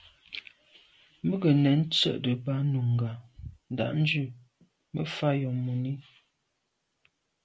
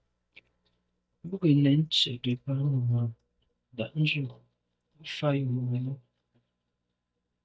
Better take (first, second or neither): first